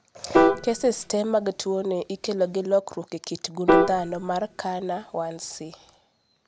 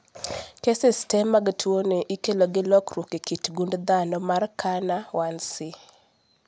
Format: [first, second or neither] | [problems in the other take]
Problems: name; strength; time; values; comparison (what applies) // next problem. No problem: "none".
second | background sound (Piano); 1 dB above the speech